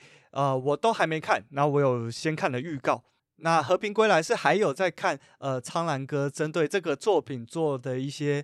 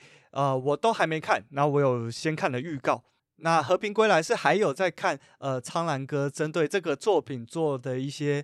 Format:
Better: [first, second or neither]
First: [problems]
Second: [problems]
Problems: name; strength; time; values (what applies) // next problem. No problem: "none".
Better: neither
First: none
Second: none